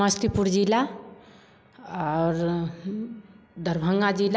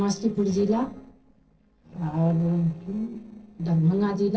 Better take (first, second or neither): first